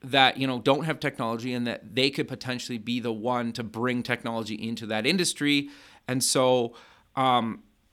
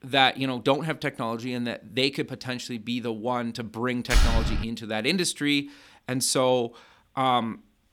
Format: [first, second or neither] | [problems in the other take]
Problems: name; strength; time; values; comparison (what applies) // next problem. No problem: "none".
first | door banging; loud; at 4 s; peak 2 dB above the speech